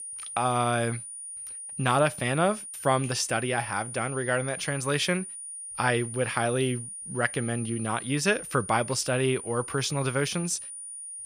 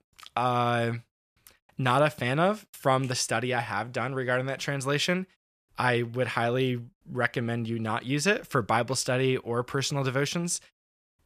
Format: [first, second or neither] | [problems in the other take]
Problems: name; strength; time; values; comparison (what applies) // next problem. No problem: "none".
second | high-pitched whine; loud; throughout; 9.5 kHz, 9 dB below the speech